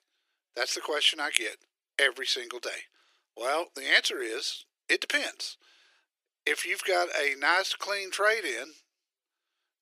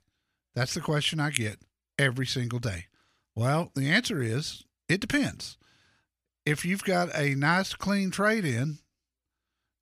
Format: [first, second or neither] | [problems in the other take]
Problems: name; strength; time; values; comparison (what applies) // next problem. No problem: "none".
second | thin; very; fading below 350 Hz